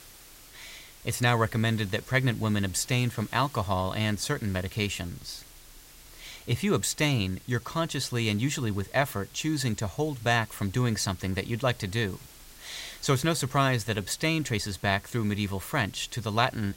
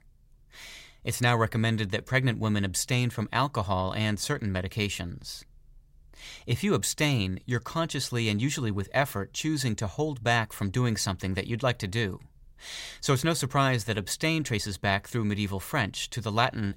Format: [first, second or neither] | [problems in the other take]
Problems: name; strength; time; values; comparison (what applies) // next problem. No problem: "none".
second | hiss; faint; throughout; 20 dB below the speech